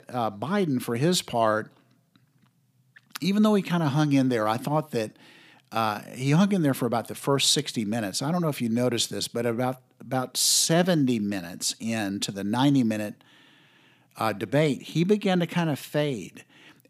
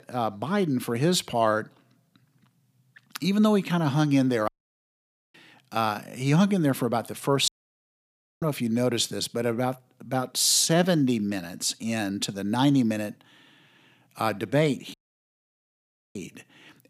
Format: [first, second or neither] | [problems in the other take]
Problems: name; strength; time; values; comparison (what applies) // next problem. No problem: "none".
first | audio cutting out; at 4.5 s for 1 s, at 7.5 s for 1 s and at 15 s for 1 s